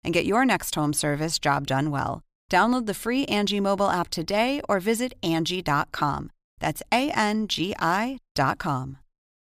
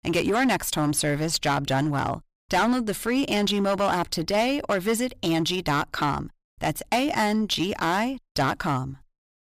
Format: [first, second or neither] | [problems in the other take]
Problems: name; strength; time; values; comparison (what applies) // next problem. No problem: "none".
first | distortion; slight; 8% of the sound clipped